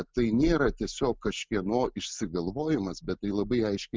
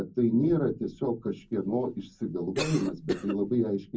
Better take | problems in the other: first | background sound (Cough); 10 dB below the speech // room echo; dies away in 0.4 s

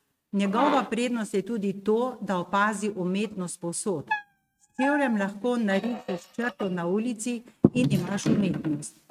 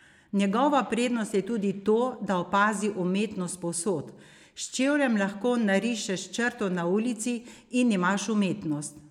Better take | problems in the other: second | noise reduction (neural mask model RNNoise)

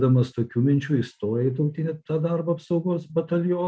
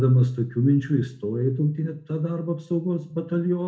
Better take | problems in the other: first | room echo; dies away in 0.4 s

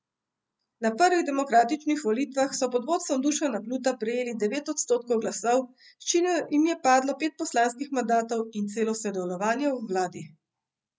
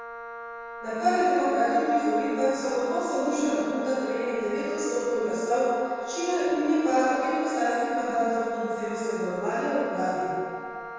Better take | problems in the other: first | background sound (Wind instrument, woodwind instrument); 12 dB below the speech // room echo; dies away in 2.2 s

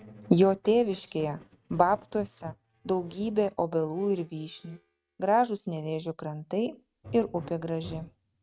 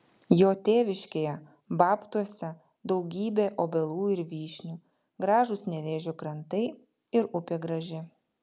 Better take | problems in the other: second | noise reduction (neural mask model RNNoise)

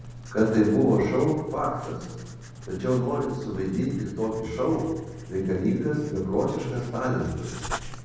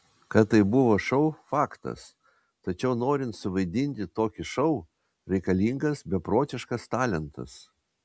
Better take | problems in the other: second | background sound (Writing); 13 dB below the speech // room echo; dies away in 1.1 s

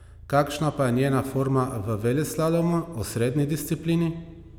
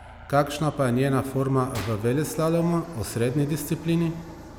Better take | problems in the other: first | background sound (Aircraft + Gunshot, gunfire); 19 dB below the speech

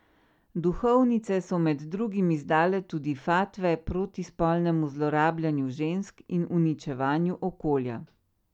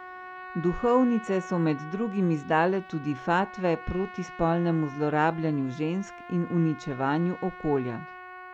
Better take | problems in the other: first | background sound (Trumpet); 16 dB below the speech

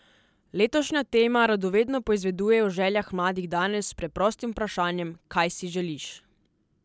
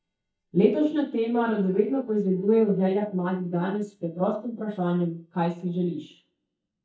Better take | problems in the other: first | noise reduction (neural mask model DeepFilterNet 3)

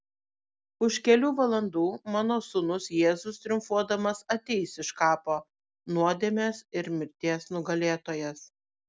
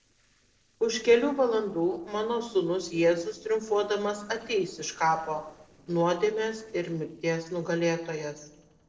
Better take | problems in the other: first | noise reduction (neural separator model SepFormer DNS4)

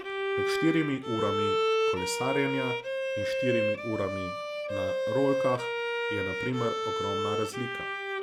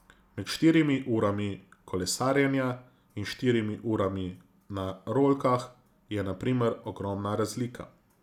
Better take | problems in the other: second | background sound (Bowed string instrument); 2 dB above the speech

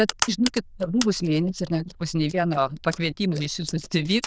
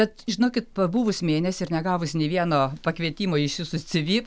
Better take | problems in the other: second | noise reduction (neural diffusion model UNIVERSE++)

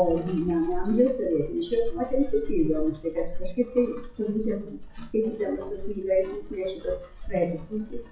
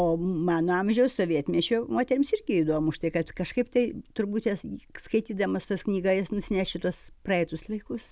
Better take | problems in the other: second | noise reduction (classical method WPE with log-MMSE)

